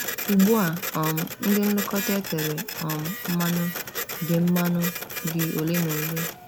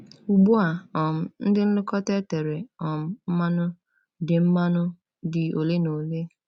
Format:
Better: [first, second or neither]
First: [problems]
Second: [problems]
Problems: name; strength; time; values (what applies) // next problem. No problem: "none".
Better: second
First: background sound (Printer); 7 dB below the speech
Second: none